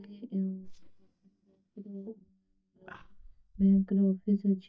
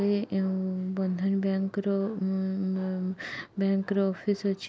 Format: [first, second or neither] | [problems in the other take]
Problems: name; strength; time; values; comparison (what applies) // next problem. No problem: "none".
second | noise reduction (neural mask model DeepFilterNet 3)